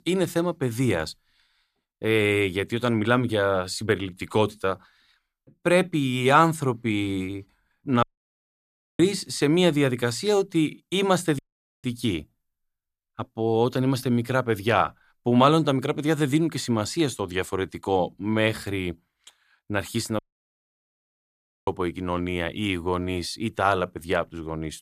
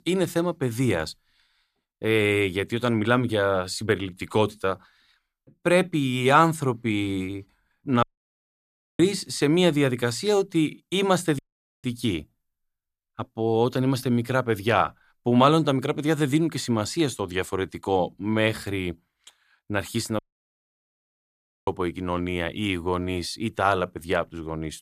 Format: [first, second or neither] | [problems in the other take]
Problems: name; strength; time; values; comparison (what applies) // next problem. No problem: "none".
neither | audio cutting out; at 8 s for 1 s, at 11 s and at 20 s for 1.5 s; the same in both